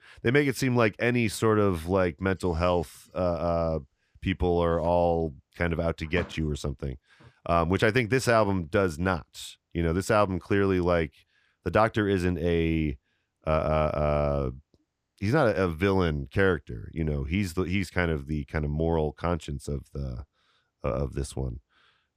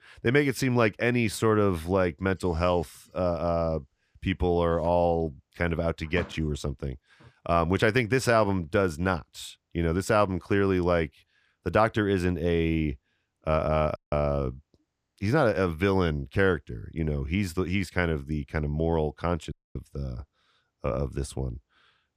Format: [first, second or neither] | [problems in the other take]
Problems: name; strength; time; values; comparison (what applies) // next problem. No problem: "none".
first | audio cutting out; at 14 s and at 20 s